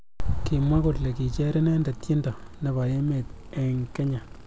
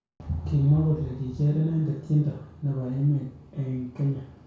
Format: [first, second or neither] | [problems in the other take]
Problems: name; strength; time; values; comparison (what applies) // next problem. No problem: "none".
first | room echo; dies away in 0.6 s